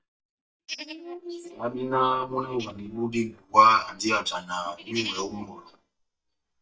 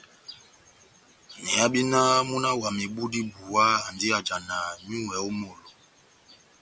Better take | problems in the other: second | noise reduction (neural mask model DeepFilterNet 3)

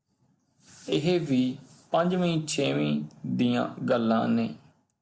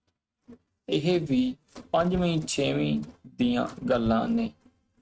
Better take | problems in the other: first | noise reduction (neural mask model RNNoise)

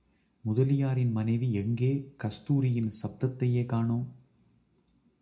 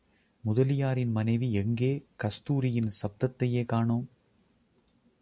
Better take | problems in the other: second | room echo; dies away in 0.4 s

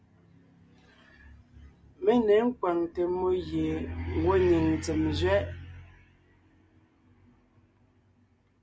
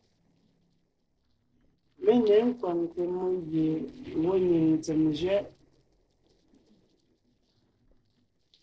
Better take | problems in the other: first | noise reduction (neural separator model SepFormer DNS4)

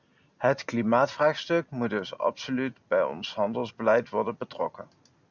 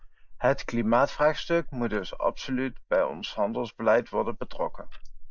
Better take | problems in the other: first | noise reduction (neural mask model Resemble Enhance denoiser)

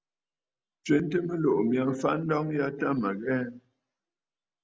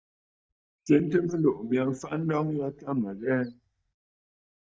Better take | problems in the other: first | noise reduction (neural mask model DeepFilterNet 3)

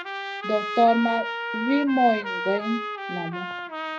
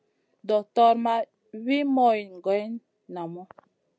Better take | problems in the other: second | background sound (Trumpet); 6 dB below the speech // room echo; dies away in 0.5 s

